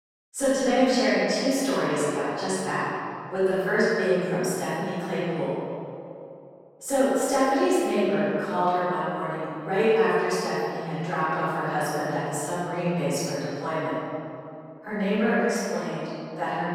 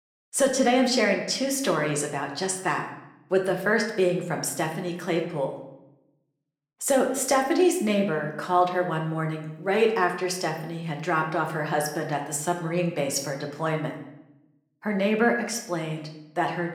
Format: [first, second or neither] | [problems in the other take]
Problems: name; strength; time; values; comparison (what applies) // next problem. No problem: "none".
second | room echo; strong; dies away in 2.4 s; slight in the second // off-mic speech; far